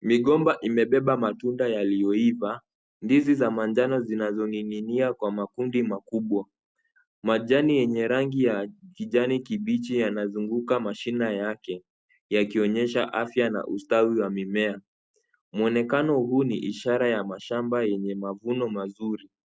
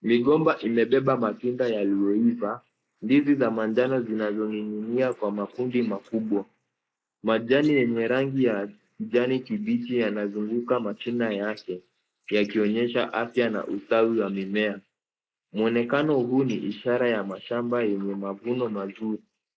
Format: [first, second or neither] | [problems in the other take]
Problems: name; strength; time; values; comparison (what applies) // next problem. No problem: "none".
first | noise reduction (neural mask model Resemble Enhance denoiser)